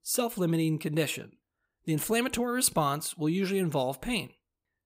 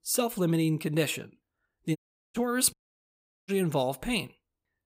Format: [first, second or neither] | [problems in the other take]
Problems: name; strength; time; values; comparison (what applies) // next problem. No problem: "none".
first | audio cutting out; at 2 s and at 2.5 s for 0.5 s